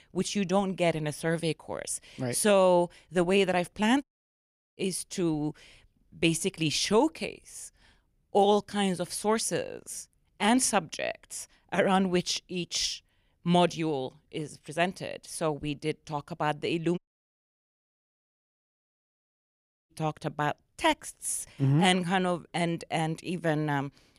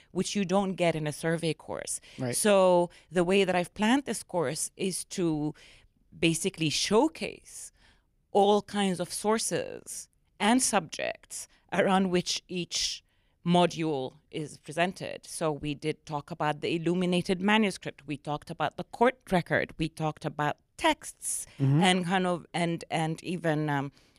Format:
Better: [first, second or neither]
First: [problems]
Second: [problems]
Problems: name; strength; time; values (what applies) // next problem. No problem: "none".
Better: second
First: audio cutting out; at 4 s for 0.5 s and at 17 s for 3 s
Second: none